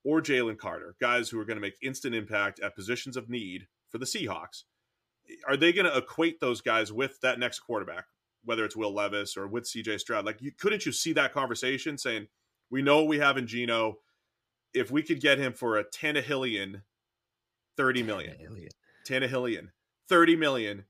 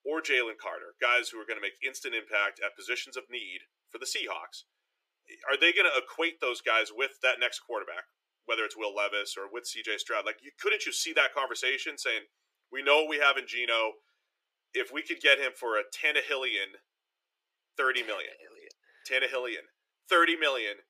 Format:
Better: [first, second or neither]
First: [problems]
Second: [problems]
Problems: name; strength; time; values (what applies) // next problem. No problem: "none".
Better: first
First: none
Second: thin; very; fading below 400 Hz